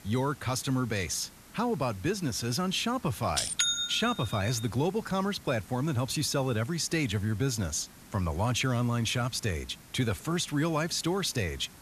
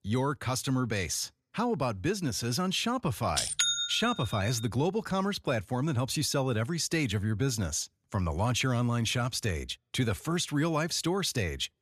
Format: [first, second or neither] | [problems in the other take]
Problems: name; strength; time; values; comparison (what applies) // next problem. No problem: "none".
second | hiss; faint; throughout; 20 dB below the speech